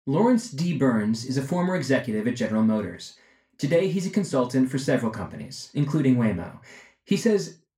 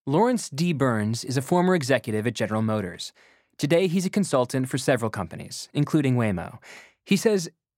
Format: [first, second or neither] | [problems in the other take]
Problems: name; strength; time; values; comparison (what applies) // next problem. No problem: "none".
second | room echo; very slight; dies away in 0.3 s // off-mic speech; far